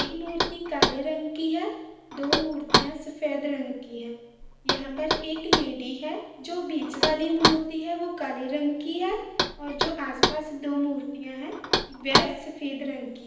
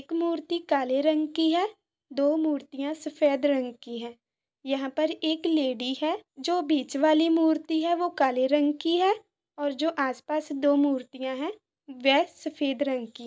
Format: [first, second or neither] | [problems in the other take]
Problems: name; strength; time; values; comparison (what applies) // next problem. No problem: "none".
second | background sound (Knock); 1 dB above the speech // room echo; dies away in 0.9 s